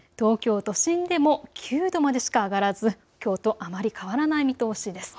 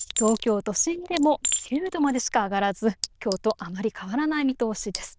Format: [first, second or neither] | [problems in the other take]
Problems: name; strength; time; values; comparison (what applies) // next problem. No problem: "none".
first | noise reduction (neural diffusion model UNIVERSE++)